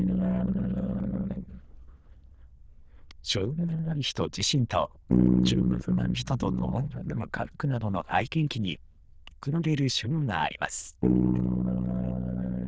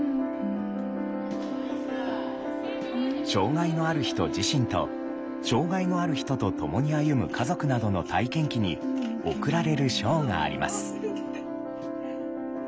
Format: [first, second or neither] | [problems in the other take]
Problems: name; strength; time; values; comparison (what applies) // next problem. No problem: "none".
second | noise reduction (neural diffusion model UNIVERSE++)